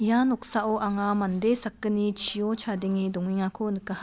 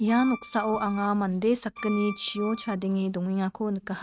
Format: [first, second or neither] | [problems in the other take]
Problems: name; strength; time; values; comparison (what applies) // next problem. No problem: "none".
first | noise reduction (neural mask model RNNoise)